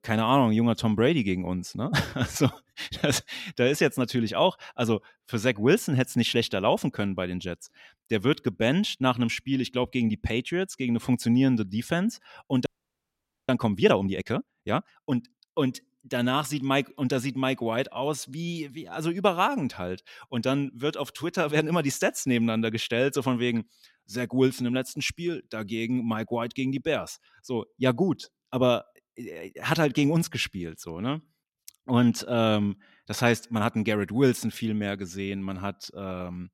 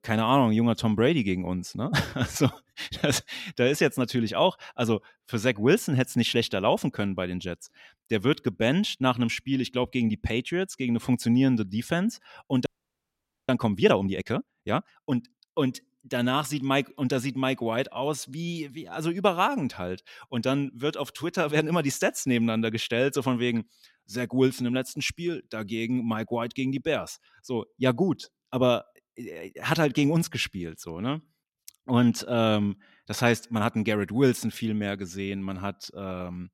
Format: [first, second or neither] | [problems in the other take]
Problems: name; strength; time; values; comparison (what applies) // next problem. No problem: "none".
neither | audio freezing; at 13 s for 1 s; the same in both